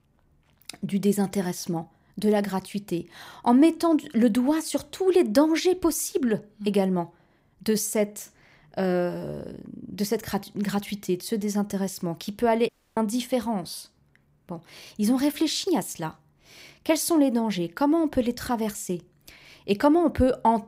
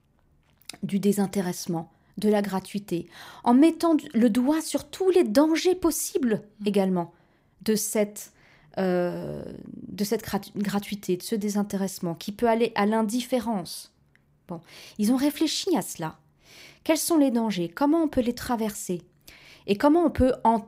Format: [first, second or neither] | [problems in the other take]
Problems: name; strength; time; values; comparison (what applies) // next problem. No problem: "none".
second | audio cutting out; at 13 s